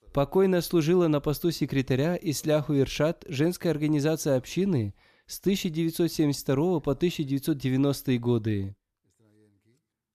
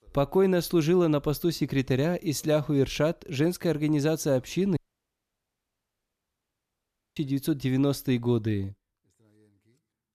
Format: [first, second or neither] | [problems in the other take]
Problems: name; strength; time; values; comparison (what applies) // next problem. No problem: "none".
first | audio cutting out; at 5 s for 2.5 s